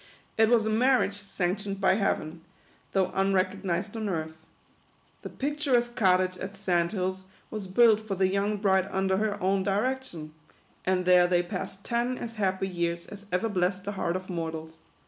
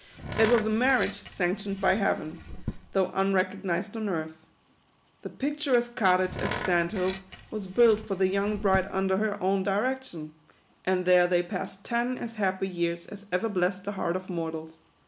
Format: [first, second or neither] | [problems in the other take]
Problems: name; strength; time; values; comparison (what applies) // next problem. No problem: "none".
first | background sound (Tools); 10 dB below the speech